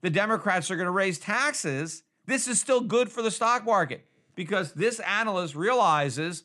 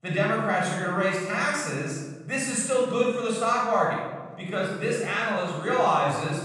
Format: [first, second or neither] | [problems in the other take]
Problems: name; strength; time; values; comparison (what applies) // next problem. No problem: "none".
first | off-mic speech; far // room echo; strong; dies away in 1.3 s